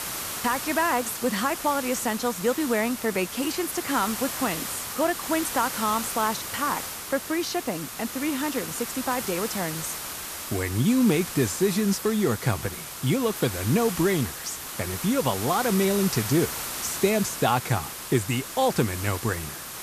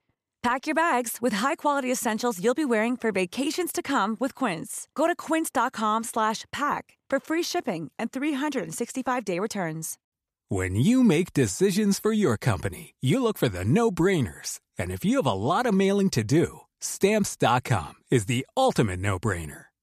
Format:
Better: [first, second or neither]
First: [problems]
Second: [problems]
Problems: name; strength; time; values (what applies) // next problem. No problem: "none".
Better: second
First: hiss; loud; throughout; 6 dB below the speech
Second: none